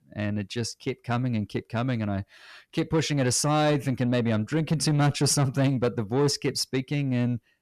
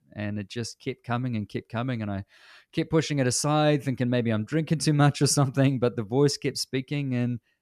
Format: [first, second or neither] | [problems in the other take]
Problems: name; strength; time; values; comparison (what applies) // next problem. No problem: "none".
second | distortion; slight; 10 dB below the speech